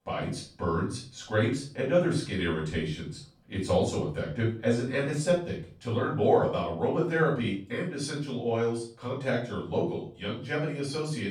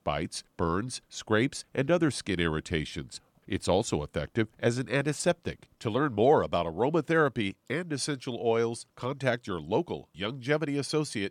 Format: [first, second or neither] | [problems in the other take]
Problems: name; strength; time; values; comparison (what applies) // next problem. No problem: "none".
second | off-mic speech; far // room echo; noticeable; dies away in 0.4 s